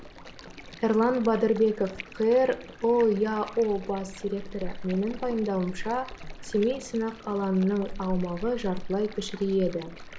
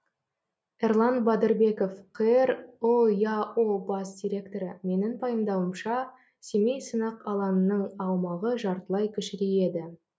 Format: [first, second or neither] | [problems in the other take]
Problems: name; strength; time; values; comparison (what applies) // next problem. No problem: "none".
second | background sound (Stream); 12 dB below the speech